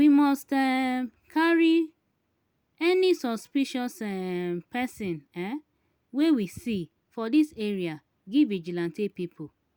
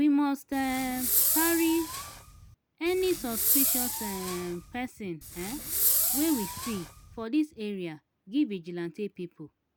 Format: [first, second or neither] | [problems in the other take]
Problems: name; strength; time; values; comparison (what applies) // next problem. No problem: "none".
first | background sound (Fireworks); 1 dB above the speech